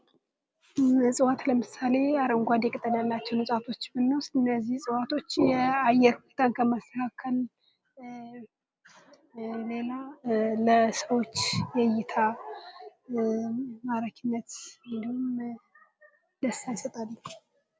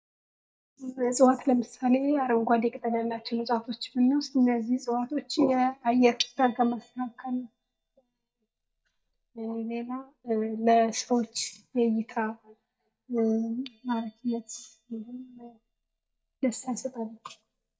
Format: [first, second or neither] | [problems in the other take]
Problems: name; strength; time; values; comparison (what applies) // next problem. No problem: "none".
first | noise reduction (neural mask model DeepFilterNet 3)